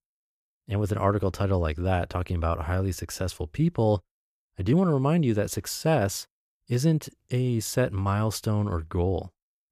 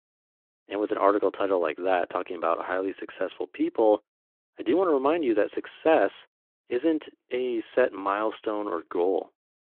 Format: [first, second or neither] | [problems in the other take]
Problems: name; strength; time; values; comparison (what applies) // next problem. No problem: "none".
first | phone-call audio